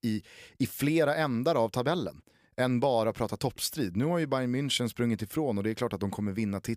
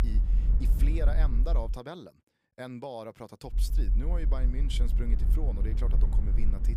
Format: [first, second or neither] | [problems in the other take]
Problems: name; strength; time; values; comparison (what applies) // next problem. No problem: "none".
first | low rumble; loud; until 1.5 s and from 3.5 s on; 7 dB below the speech